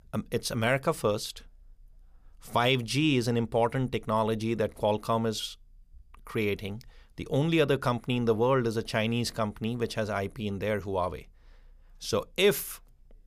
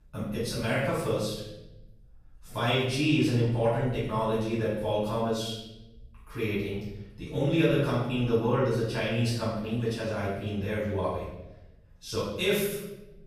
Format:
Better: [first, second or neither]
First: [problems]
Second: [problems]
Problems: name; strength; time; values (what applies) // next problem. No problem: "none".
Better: first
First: none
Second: room echo; strong; dies away in 0.9 s // off-mic speech; far